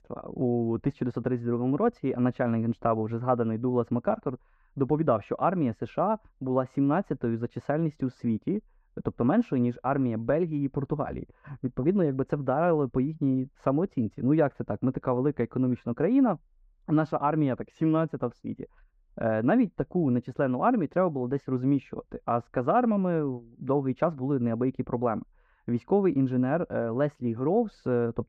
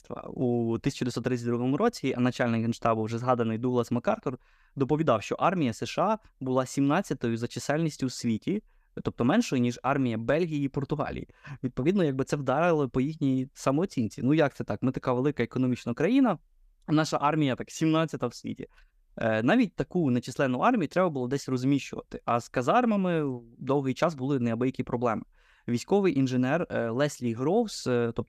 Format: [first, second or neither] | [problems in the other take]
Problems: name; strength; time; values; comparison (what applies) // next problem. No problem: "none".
second | muffled; very; fading above 3 kHz